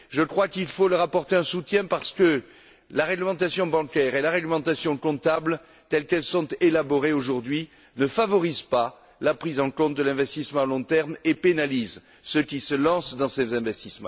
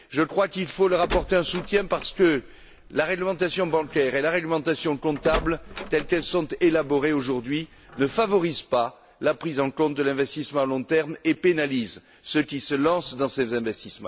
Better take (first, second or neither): first